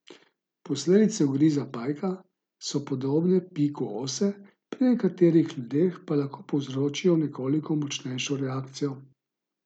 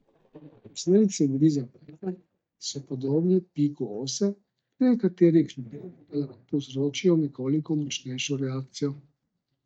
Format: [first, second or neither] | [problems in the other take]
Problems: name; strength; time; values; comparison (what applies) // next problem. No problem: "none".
first | noise reduction (neural mask model DeepFilterNet 3)